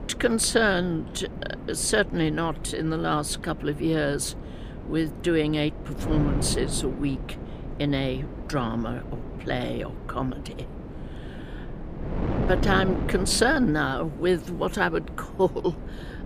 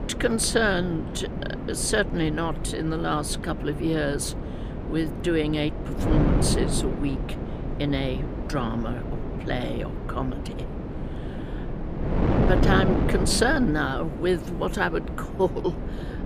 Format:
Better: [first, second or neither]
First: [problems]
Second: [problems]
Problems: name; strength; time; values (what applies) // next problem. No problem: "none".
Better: first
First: wind noise on the microphone; occasional gusts; 15 dB below the speech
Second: wind noise on the microphone; heavy; 7 dB below the speech